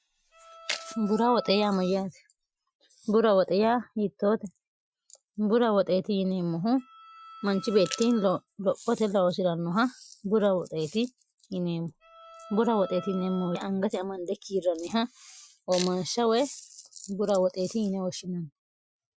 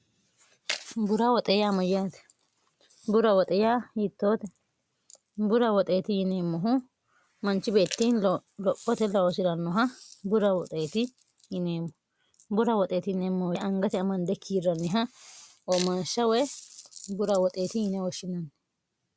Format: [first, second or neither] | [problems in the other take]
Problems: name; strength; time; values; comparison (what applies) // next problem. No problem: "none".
second | noise reduction (classical method Wiener filter)